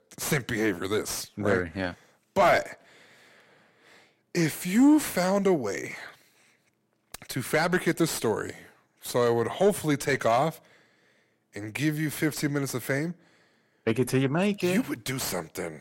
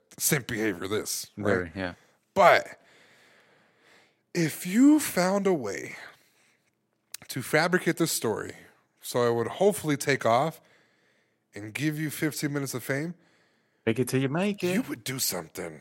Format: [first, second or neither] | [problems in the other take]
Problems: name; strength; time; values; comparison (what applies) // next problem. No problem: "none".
second | distortion; slight; 10 dB below the speech